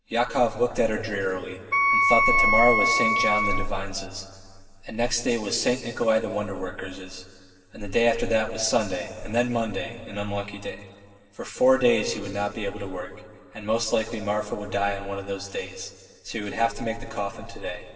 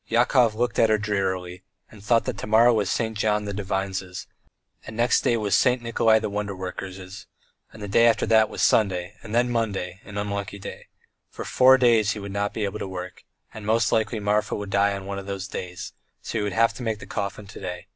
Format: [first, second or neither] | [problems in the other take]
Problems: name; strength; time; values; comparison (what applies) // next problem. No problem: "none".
second | background sound (Wind instrument, woodwind instrument); 5 dB above the speech // room echo; dies away in 2.1 s